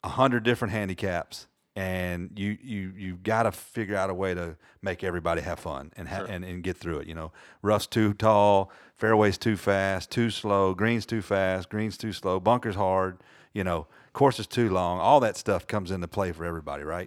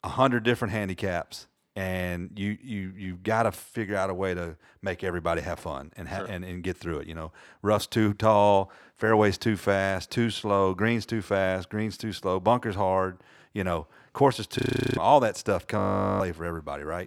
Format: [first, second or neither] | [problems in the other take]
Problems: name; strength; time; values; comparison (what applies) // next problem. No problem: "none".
first | audio freezing; at 15 s and at 16 s